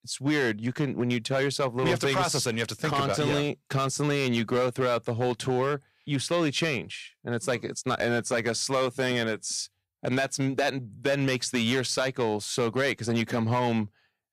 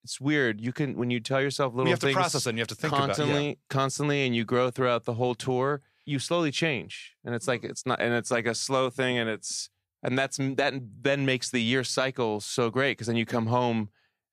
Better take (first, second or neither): second